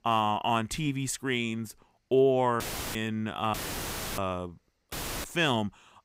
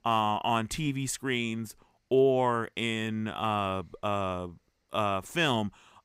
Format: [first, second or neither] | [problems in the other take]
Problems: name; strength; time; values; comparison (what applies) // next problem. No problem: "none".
second | audio cutting out; filled with static; at 2.5 s, at 3.5 s for 0.5 s and at 5 s